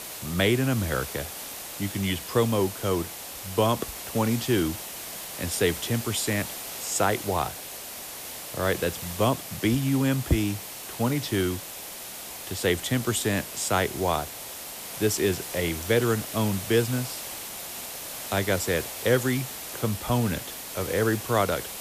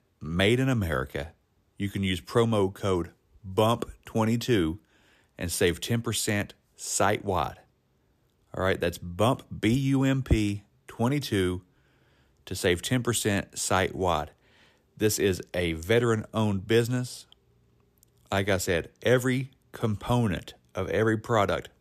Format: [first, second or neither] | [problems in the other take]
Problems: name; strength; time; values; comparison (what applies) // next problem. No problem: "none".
second | hiss; loud; throughout; 8 dB below the speech